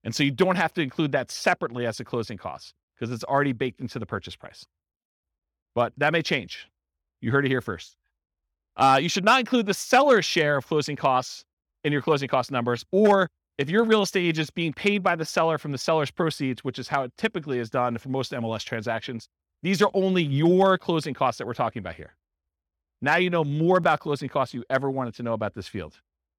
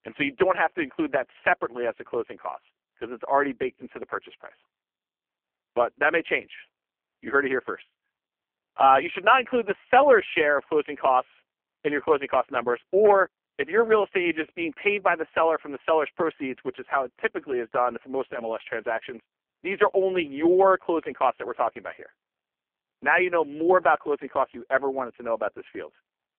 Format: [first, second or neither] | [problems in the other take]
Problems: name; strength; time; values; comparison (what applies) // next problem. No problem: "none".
first | phone-call audio; poor line; nothing above 3 kHz